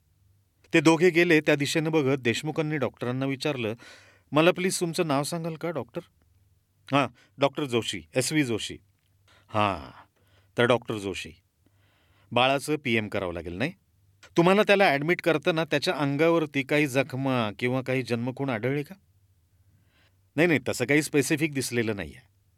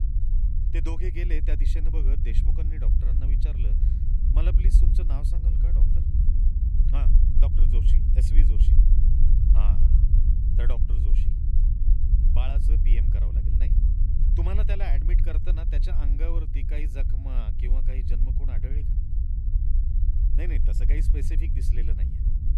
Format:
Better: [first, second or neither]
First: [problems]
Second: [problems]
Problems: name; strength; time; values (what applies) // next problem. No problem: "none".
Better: first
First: none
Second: low rumble; loud; throughout; 2 dB below the speech